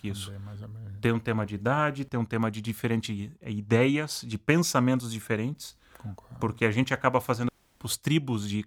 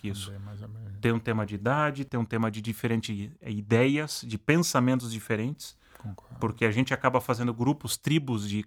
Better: second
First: audio cutting out; at 7.5 s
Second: none

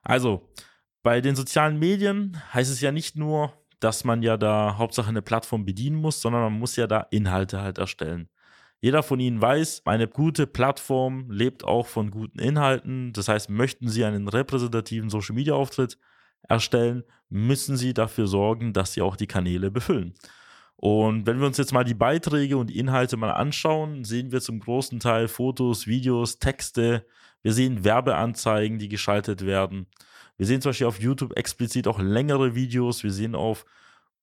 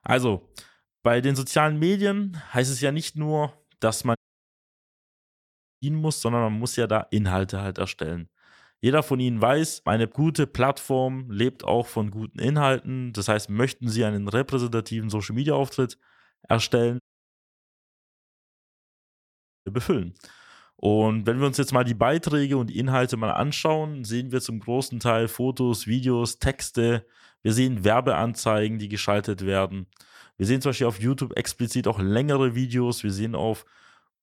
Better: first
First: none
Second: audio cutting out; at 4 s for 1.5 s and at 17 s for 2.5 s

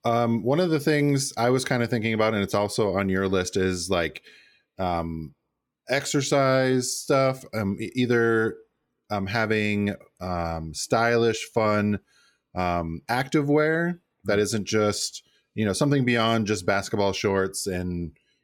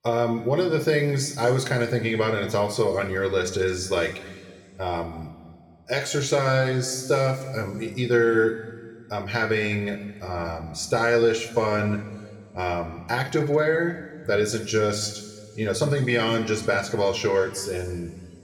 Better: first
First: none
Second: room echo; slight; dies away in 1.8 s

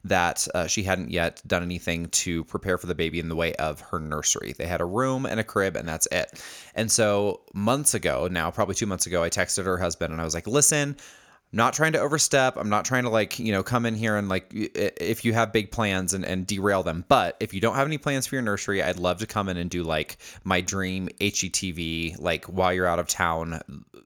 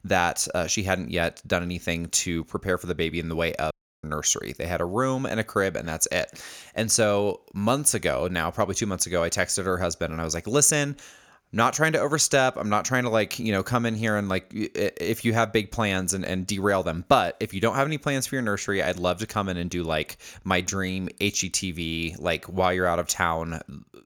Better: first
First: none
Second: audio cutting out; at 3.5 s

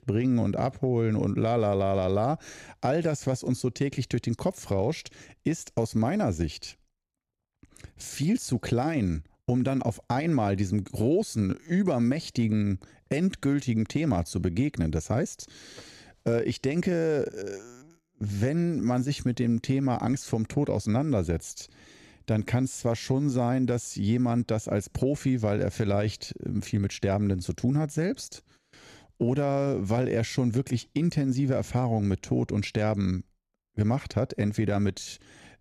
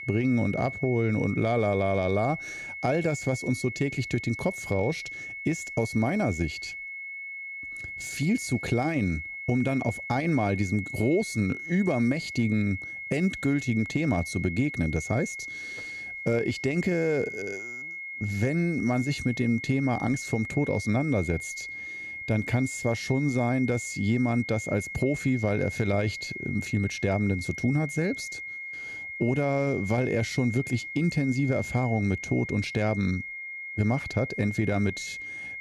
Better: first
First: none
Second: high-pitched whine; loud; throughout; 2 kHz, 8 dB below the speech

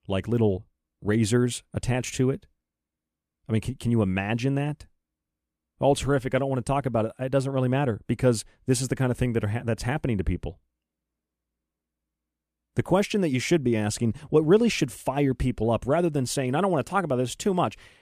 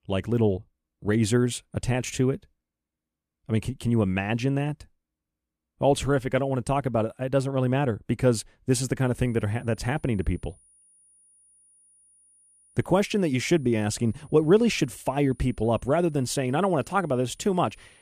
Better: first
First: none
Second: high-pitched whine; faint; from 9 s on; 9.5 kHz, 30 dB below the speech

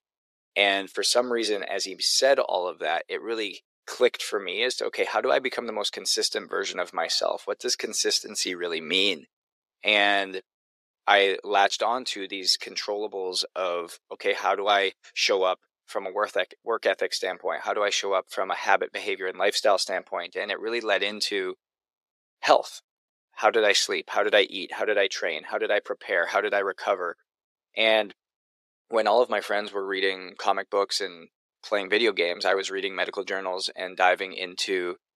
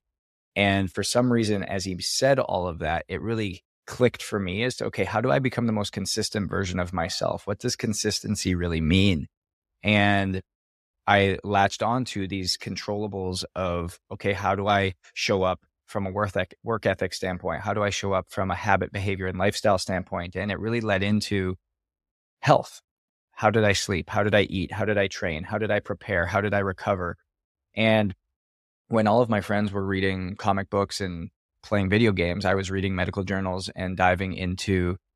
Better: second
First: thin; very; fading below 400 Hz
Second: none

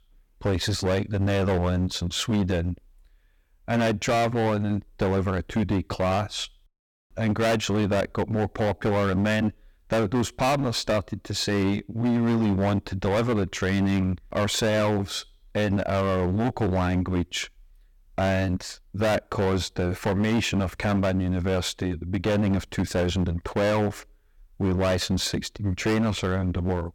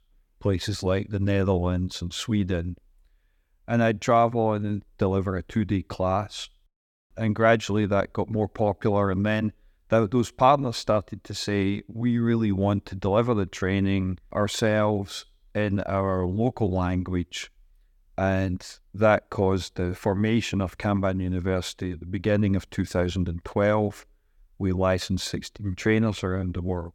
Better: second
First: distortion; heavy; 18% of the sound clipped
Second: none

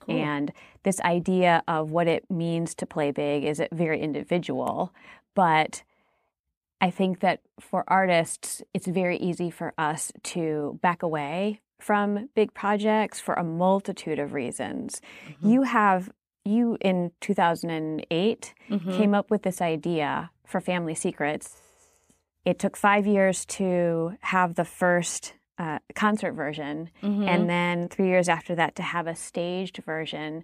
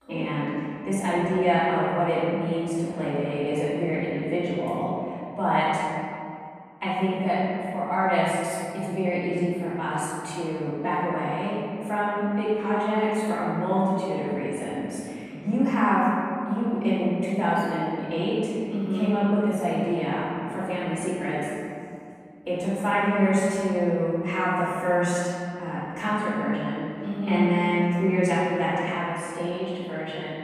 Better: first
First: none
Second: off-mic speech; far // room echo; strong; dies away in 2.3 s

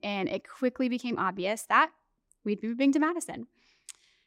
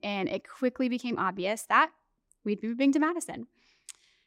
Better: neither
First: none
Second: none

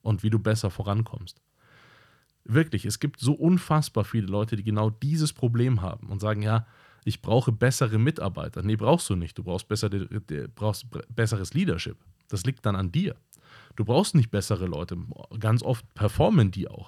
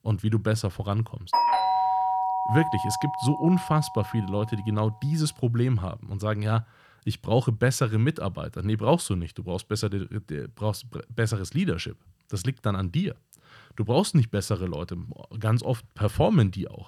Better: first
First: none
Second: doorbell; loud; from 1.5 to 4 s; peak 5 dB above the speech

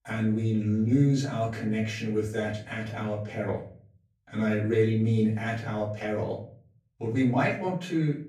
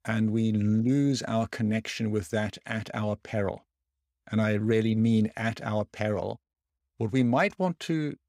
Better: second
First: off-mic speech; far // room echo; slight; dies away in 0.5 s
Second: none

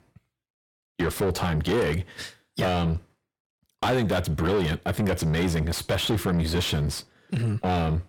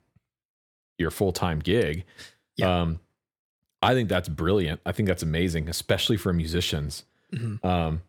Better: second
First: distortion; heavy; 6 dB below the speech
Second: none

